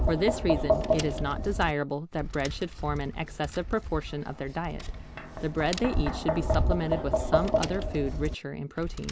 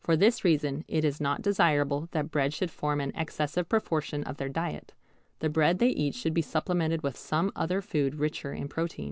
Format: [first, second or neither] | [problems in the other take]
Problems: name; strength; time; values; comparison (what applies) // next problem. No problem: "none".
second | background sound (Tap); as loud as the speech